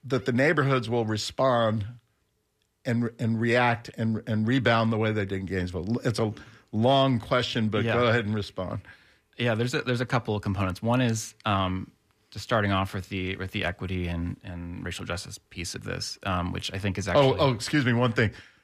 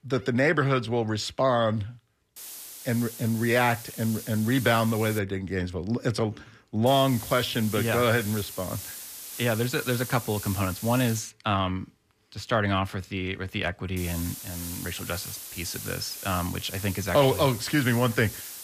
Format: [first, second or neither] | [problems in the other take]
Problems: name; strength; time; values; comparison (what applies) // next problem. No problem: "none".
first | hiss; noticeable; from 2.5 to 5 s, from 7 to 11 s and from 14 s on; 10 dB below the speech